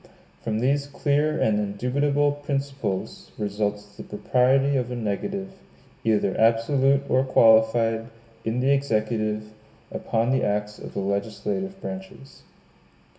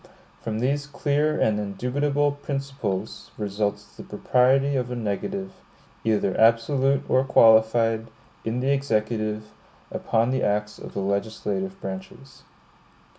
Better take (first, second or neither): second